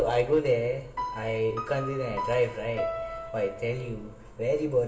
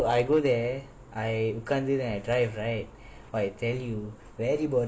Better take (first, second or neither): second